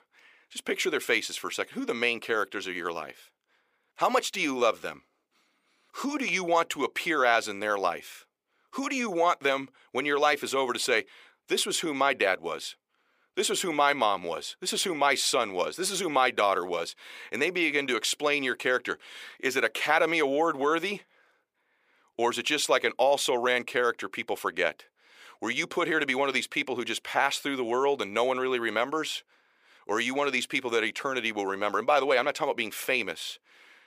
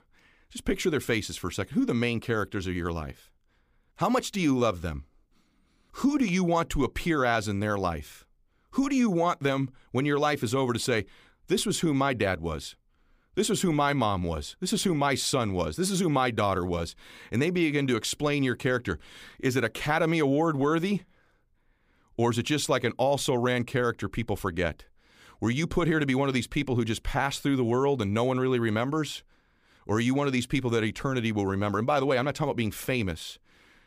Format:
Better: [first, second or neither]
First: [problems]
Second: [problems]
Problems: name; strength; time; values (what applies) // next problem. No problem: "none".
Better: second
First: thin; somewhat; fading below 500 Hz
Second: none